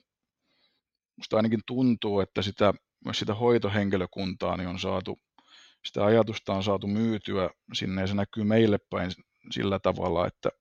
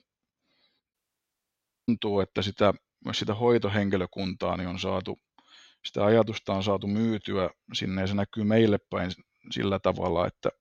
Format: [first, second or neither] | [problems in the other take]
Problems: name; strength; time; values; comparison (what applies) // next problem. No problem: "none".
first | audio cutting out; at 1 s for 1 s